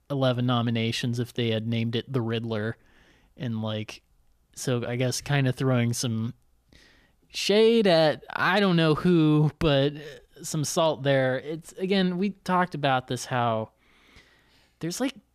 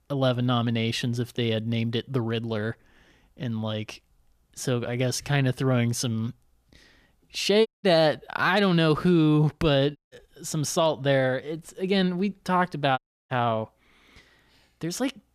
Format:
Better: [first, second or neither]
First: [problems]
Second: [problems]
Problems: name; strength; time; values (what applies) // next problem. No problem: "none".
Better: first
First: none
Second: audio cutting out; at 7.5 s, at 10 s and at 13 s